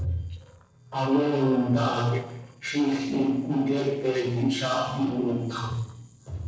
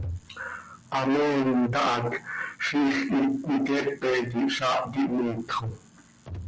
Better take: second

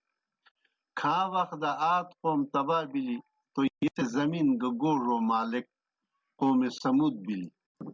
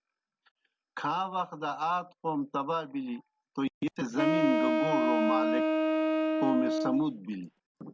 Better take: first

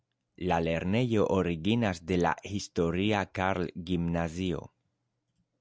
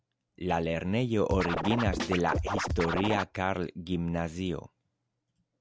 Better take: first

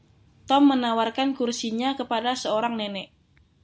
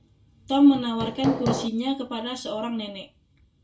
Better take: first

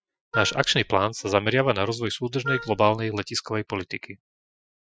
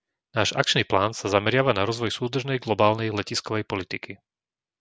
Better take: second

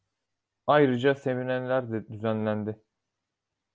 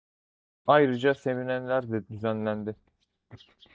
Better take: first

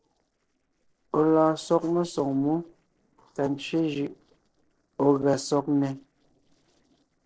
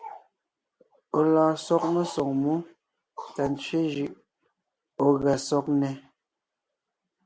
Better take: second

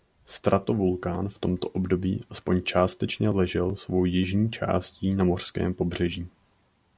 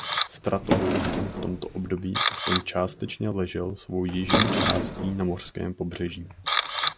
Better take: first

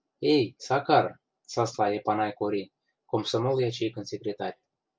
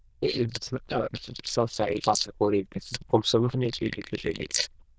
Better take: first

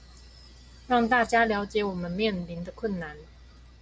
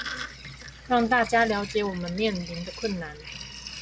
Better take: first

